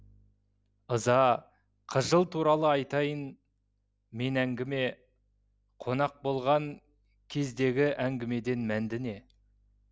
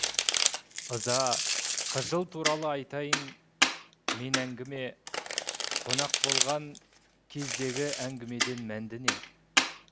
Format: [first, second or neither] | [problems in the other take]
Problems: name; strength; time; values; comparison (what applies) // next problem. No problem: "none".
first | background sound (Coin (dropping) + Domestic sounds, home sounds); 4 dB above the speech